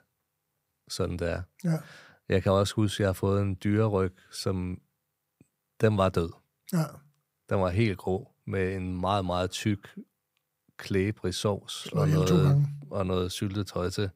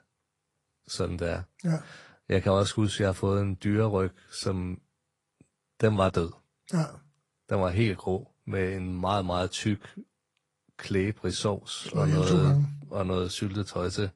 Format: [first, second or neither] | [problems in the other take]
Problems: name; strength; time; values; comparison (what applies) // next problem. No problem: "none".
first | garbled, watery; slightly; nothing above 10.5 kHz